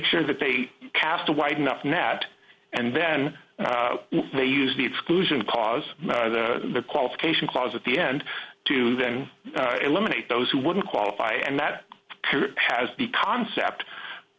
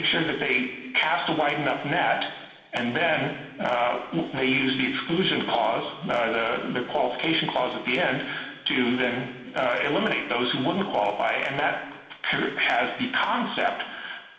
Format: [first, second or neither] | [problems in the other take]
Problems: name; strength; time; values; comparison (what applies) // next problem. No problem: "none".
first | room echo; dies away in 1.4 s